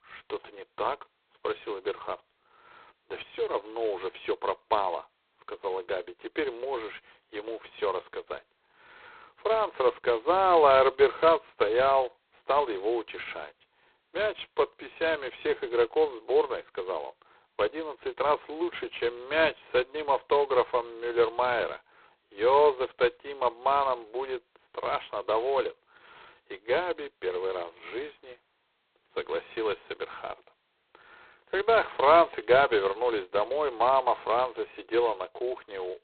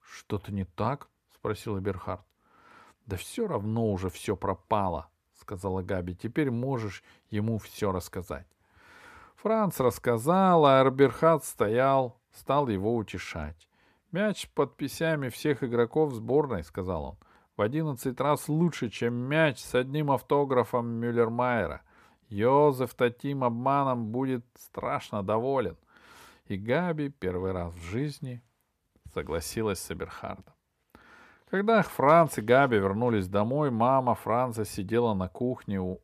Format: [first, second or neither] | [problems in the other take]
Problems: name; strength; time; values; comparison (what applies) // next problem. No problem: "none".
second | phone-call audio; poor line; nothing above 4 kHz